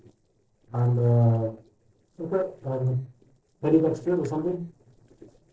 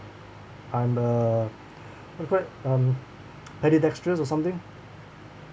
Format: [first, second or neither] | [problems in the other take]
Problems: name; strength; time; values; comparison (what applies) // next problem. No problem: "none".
second | noise reduction (neural separator model SepFormer DNS4)